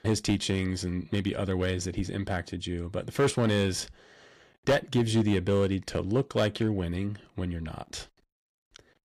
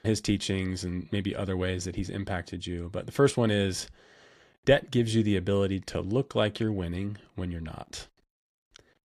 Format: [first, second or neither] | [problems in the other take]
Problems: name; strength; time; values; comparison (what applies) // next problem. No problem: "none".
second | distortion; slight; 3% of the sound clipped